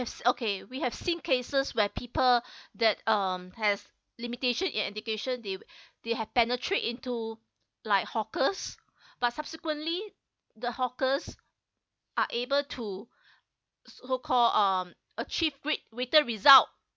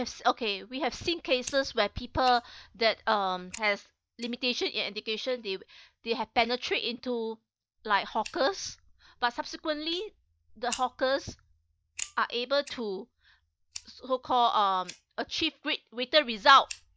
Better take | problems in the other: first | noise reduction (neural mask model DeepFilterNet 3)

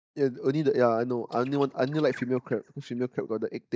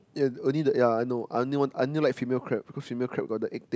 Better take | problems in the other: second | noise reduction (neural mask model DeepFilterNet 3)

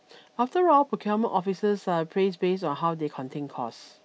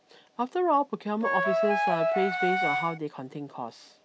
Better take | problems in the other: first | background sound (Wind instrument, woodwind instrument); 4 dB above the speech

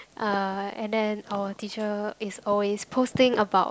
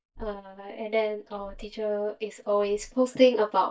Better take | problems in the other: first | noise reduction (neural mask model DeepFilterNet 3)

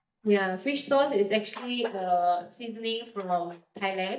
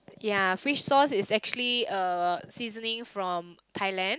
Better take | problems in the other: second | noise reduction (neural mask model DeepFilterNet 3)

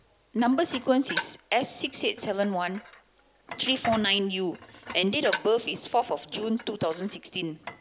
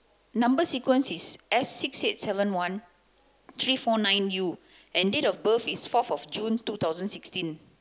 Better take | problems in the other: second | background sound (Dishes, pots, and pans); 13 dB below the speech

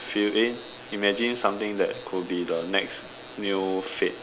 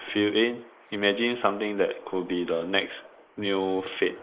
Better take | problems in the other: first | noise reduction (neural mask model Resemble Enhance denoiser)

